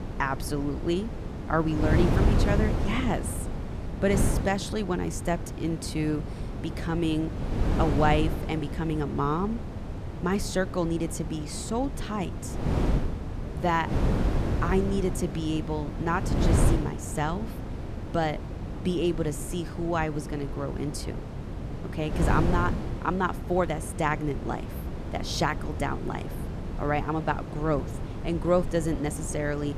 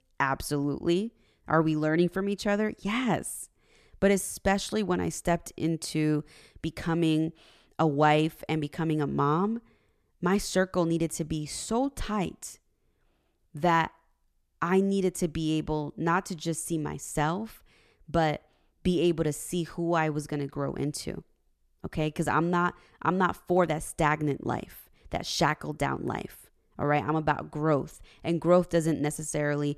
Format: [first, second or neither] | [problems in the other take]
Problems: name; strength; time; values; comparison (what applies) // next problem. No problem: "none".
second | wind noise on the microphone; heavy; 8 dB below the speech